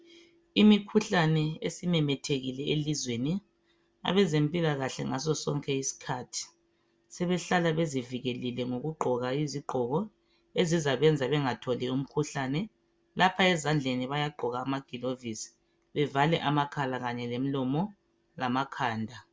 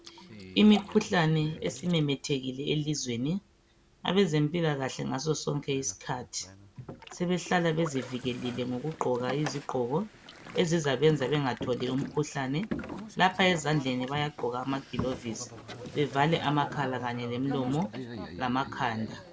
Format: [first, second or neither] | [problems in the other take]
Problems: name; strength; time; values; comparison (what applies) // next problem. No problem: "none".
first | background sound (Boat, Water vehicle); 13 dB below the speech